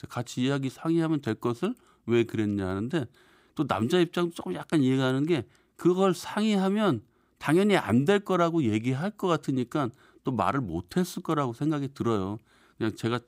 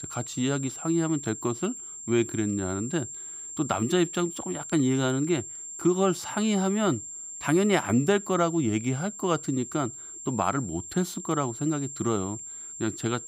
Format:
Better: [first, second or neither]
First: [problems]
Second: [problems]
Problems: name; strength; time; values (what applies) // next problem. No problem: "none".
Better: first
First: none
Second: high-pitched whine; loud; throughout; 7.5 kHz, 9 dB below the speech